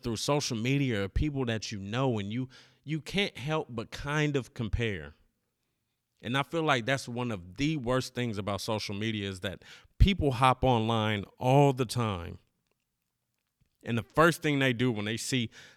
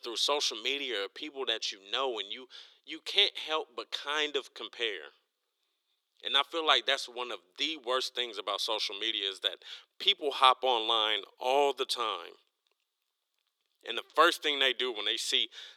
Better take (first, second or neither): first